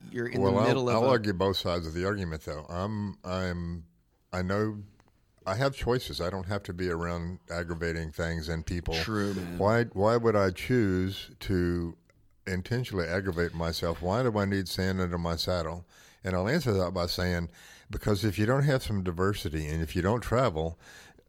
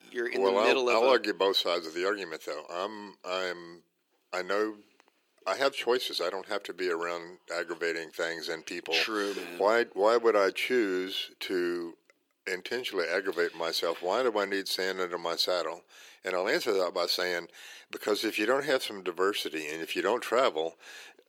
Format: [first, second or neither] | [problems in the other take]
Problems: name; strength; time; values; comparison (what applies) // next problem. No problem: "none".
first | thin; very; fading below 350 Hz